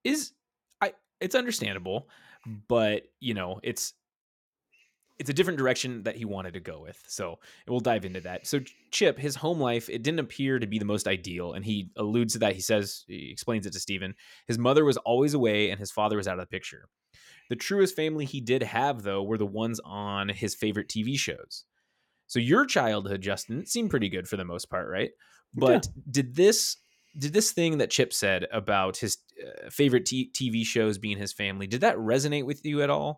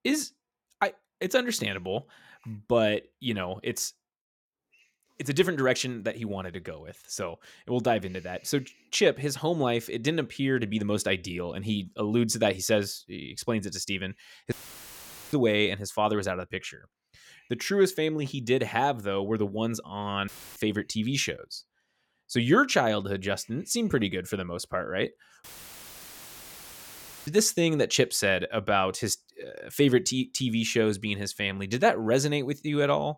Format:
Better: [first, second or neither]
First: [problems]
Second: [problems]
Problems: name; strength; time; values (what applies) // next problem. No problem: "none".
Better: first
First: none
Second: audio cutting out; filled with static; at 15 s for 1 s, at 20 s and at 25 s for 2 s